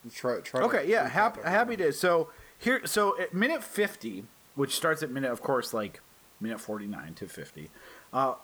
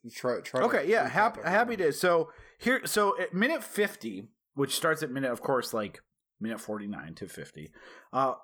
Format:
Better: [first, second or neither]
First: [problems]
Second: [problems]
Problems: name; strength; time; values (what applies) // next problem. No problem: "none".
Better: second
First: hiss; faint; throughout; 25 dB below the speech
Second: none